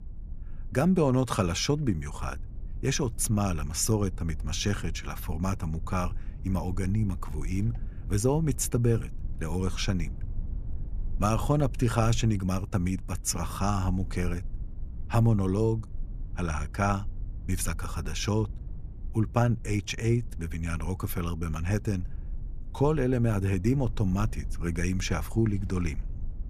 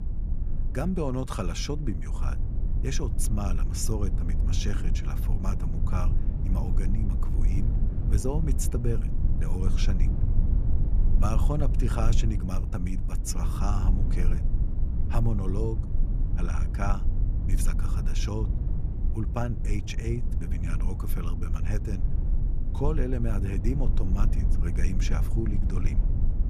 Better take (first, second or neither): first